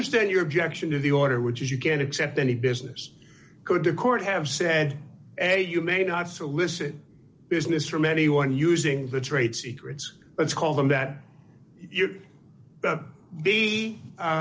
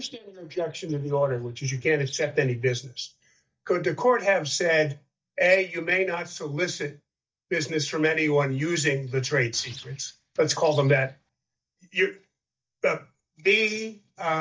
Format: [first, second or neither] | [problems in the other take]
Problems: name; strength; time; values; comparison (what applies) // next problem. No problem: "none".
first | noise reduction (neural mask model DeepFilterNet 3)